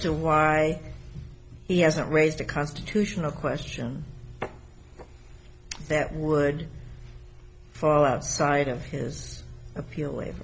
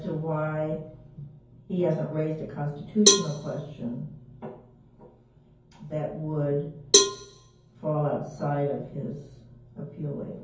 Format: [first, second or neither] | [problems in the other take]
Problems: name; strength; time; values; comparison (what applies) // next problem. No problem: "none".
first | background sound (Cowbell); 4 dB above the speech // room echo; dies away in 0.6 s